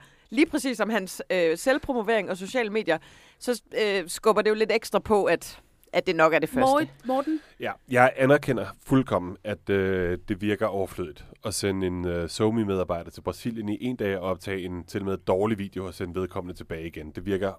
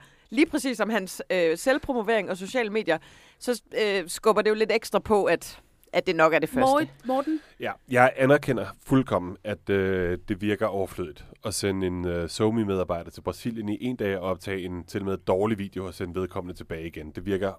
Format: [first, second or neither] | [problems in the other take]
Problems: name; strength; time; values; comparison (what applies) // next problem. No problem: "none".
neither | none